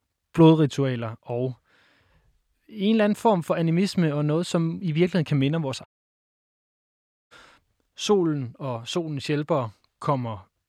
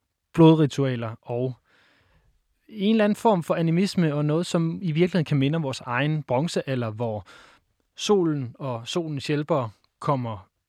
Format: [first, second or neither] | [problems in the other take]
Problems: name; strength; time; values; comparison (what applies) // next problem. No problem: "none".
second | audio cutting out; at 6 s for 1.5 s